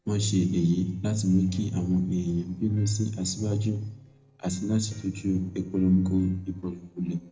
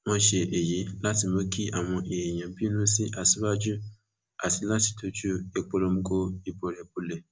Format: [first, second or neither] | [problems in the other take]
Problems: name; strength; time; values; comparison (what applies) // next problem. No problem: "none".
second | noise reduction (neural separator model SepFormer DNS4)